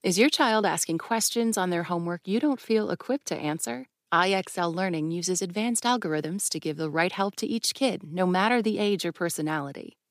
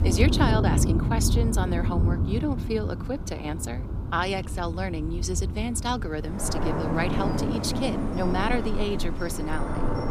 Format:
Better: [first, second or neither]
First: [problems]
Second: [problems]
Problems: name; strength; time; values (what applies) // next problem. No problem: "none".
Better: first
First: none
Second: rain or running water; very loud; throughout; 2 dB above the speech